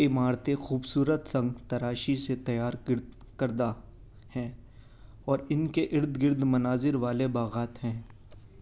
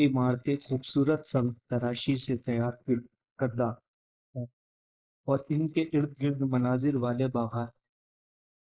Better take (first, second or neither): first